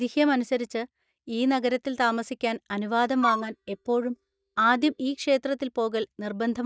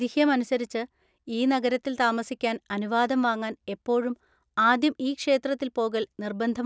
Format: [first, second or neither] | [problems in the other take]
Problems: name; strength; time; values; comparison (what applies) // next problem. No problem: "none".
second | noise reduction (neural mask model DeepFilterNet 3)